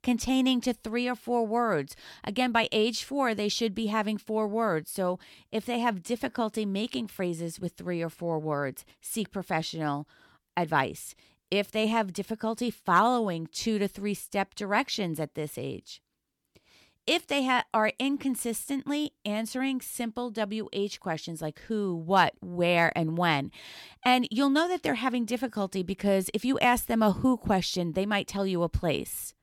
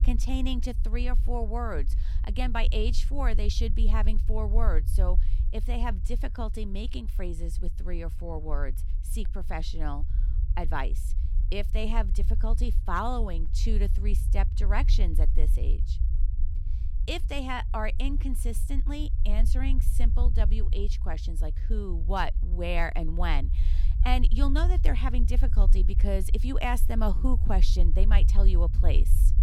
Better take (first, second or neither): first